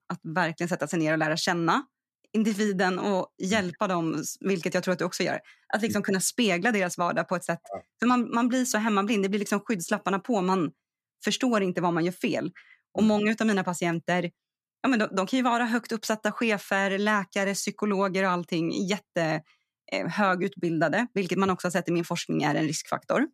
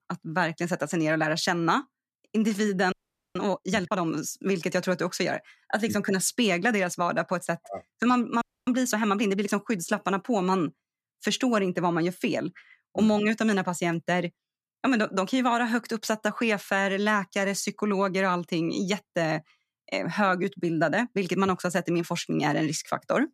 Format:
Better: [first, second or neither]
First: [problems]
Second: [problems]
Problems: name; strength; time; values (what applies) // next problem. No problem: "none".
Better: first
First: none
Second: audio freezing; at 3 s and at 8.5 s